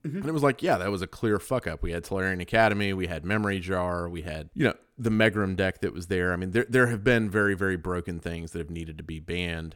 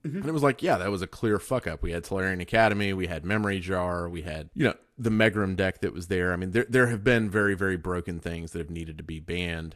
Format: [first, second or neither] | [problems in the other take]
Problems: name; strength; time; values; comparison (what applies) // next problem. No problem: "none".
first | garbled, watery; slightly; nothing above 12.5 kHz